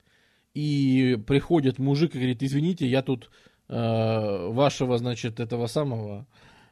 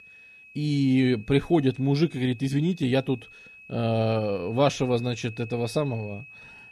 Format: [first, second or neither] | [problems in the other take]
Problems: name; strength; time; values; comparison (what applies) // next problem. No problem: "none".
first | high-pitched whine; noticeable; throughout; 2.5 kHz, 20 dB below the speech